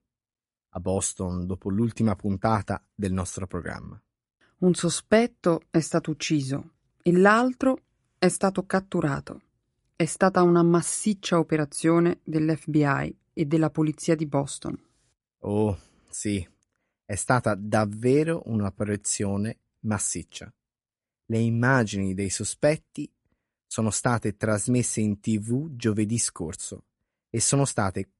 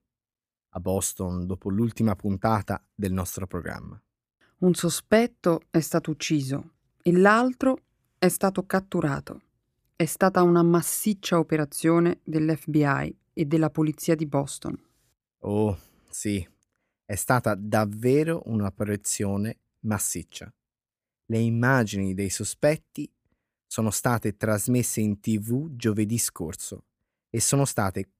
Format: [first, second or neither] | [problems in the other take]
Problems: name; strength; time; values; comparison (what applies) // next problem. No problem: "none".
second | garbled, watery; slightly; nothing above 11 kHz